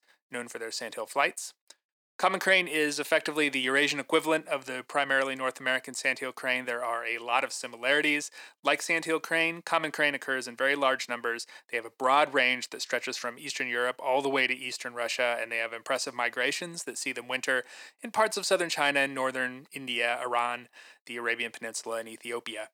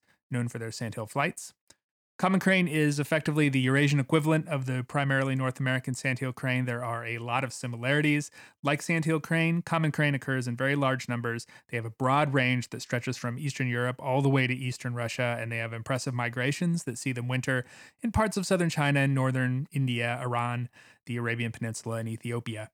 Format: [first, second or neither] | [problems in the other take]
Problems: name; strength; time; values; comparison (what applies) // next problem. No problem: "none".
second | thin; very; fading below 400 Hz